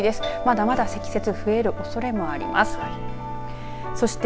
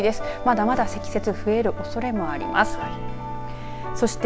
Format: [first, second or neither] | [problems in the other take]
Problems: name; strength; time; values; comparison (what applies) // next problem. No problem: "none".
second | background sound (Doorbell); 14 dB below the speech